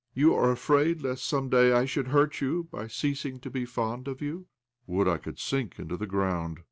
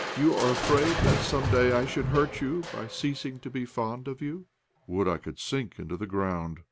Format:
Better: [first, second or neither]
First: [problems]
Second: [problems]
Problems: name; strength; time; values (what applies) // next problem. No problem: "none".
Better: first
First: none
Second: background sound (Crushing); 5 dB below the speech